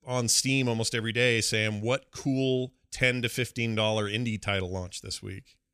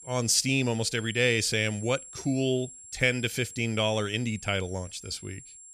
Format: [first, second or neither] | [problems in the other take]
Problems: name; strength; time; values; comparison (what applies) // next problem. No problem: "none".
first | high-pitched whine; noticeable; throughout; 7.5 kHz, 15 dB below the speech